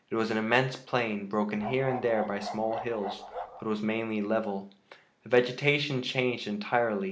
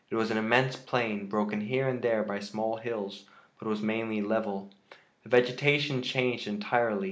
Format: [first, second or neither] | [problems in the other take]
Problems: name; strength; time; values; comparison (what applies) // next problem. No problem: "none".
second | background sound (Bark); 10 dB below the speech